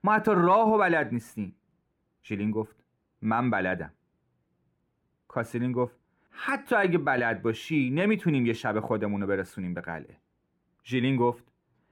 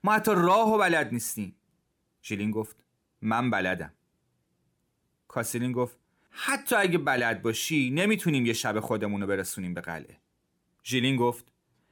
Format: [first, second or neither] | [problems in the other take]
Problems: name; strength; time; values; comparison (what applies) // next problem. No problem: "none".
second | muffled; very; fading above 3.5 kHz